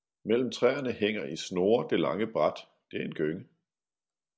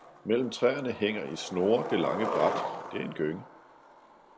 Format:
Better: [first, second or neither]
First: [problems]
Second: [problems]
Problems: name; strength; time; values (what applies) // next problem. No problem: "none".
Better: first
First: none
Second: background sound (Skateboard); 7 dB below the speech